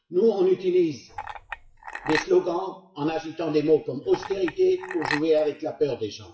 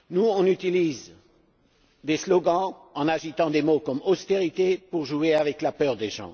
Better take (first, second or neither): second